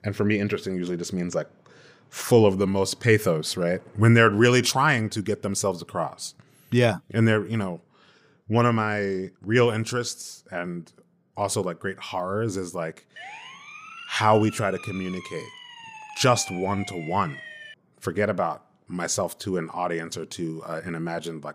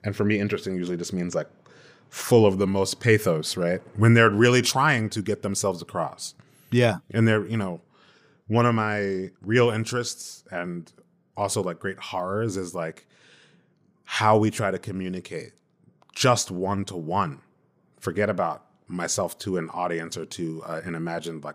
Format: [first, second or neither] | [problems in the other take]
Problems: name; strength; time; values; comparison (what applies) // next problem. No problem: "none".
second | siren; faint; from 13 to 18 s; peak 15 dB below the speech